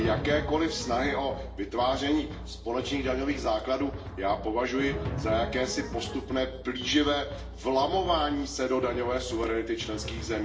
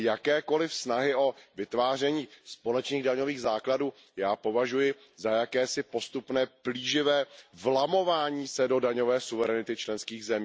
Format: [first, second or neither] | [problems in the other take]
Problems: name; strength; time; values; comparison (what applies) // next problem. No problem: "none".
second | background sound (Drum); 8 dB below the speech // room echo; dies away in 0.7 s